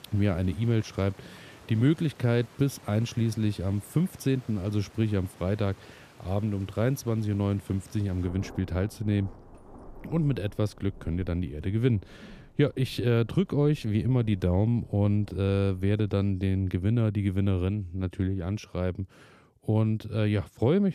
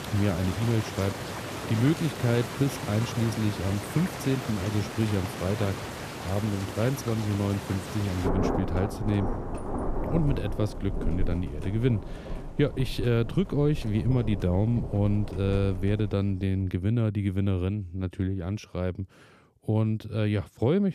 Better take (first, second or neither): first